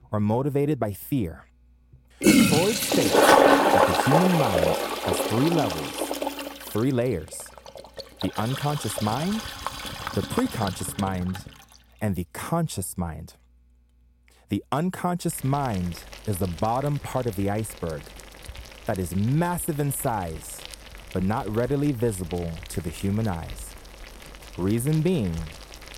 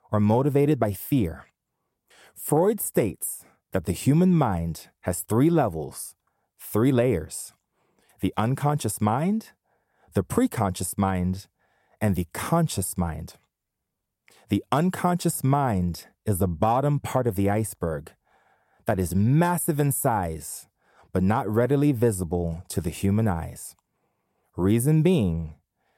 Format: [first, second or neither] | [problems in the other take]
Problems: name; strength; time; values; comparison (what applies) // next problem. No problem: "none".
second | household noises; very loud; throughout; 4 dB above the speech